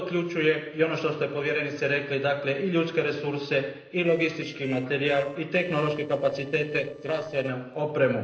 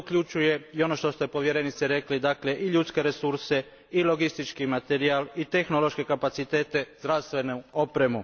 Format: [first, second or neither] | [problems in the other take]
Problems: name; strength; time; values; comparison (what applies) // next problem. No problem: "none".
second | noise reduction (neural separator model SepFormer DNS4)